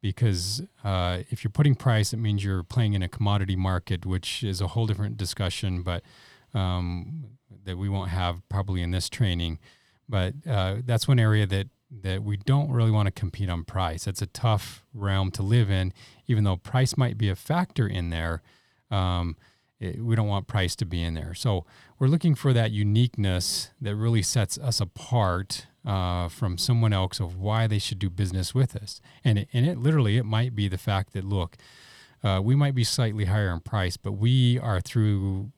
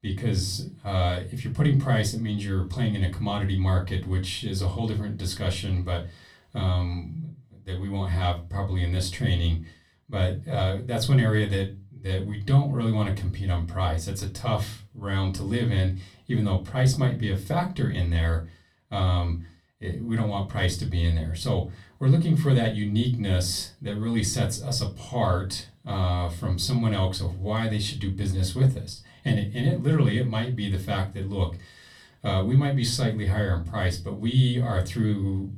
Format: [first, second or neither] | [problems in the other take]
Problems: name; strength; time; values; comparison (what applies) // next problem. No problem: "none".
first | off-mic speech; far // room echo; very slight; dies away in 0.2 s